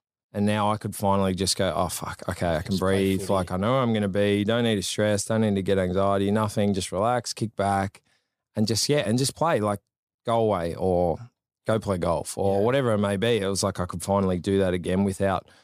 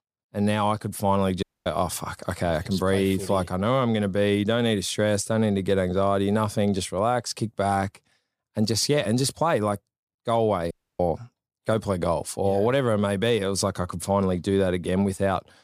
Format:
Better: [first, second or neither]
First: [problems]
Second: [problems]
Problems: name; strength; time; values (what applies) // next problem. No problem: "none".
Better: first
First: none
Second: audio cutting out; at 1.5 s and at 11 s